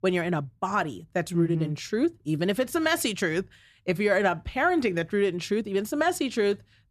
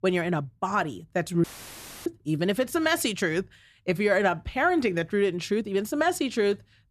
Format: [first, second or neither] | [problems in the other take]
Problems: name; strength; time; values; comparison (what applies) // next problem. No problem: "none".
first | audio cutting out; filled with static; at 1.5 s for 0.5 s